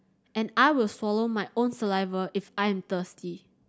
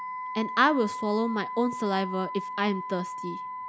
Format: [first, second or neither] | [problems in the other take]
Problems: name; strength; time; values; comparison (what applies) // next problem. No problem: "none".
first | background sound (Wind instrument, woodwind instrument); 7 dB below the speech